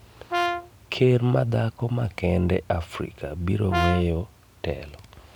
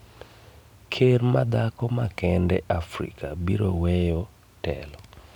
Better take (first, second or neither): second